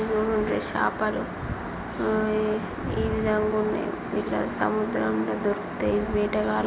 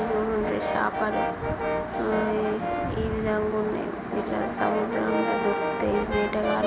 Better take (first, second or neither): first